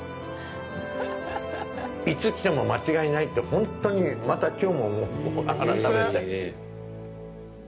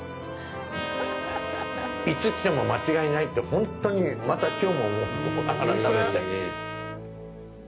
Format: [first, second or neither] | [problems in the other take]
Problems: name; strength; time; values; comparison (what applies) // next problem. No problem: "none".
first | background sound (Trumpet); 9 dB below the speech